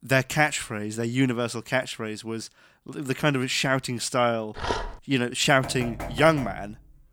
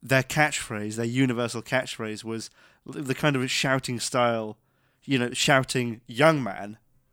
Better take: second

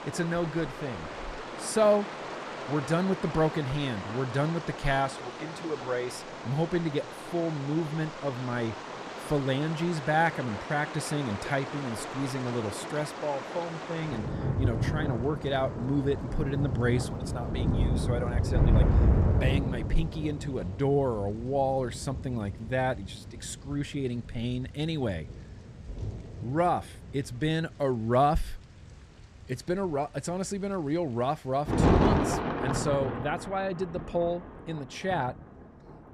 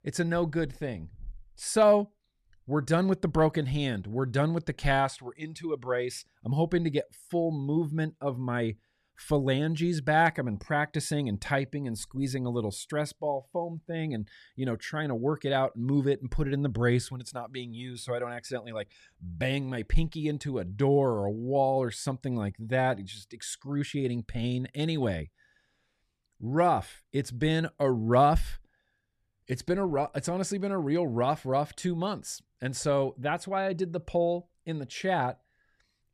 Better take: second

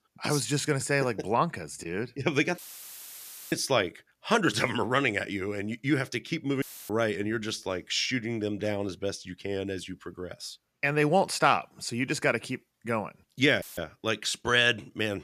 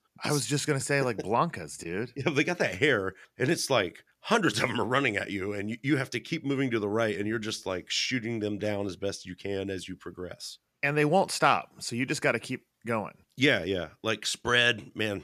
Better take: second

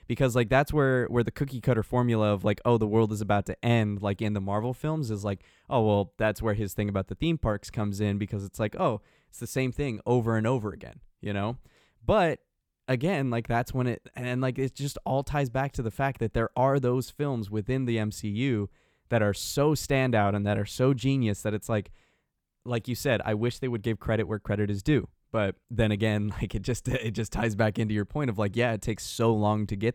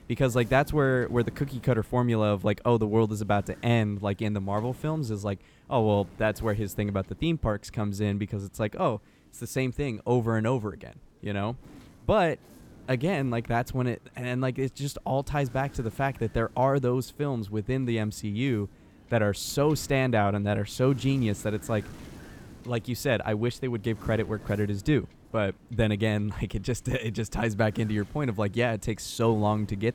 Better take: first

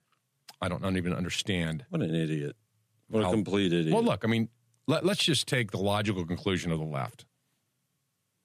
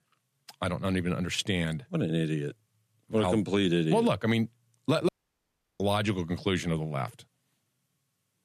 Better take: first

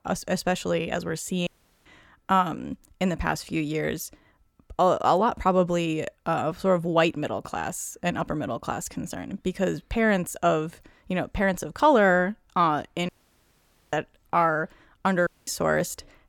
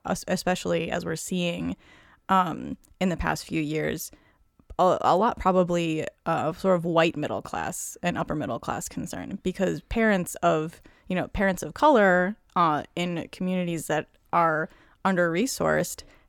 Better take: second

